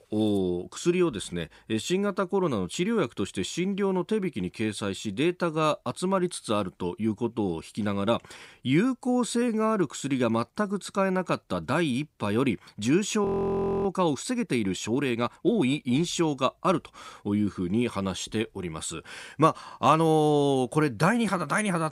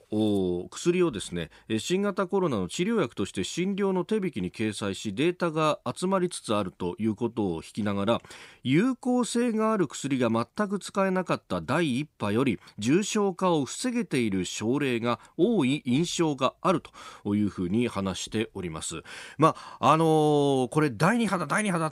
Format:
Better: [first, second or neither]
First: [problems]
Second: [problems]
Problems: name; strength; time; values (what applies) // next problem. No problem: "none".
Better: second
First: audio freezing; at 13 s for 0.5 s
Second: none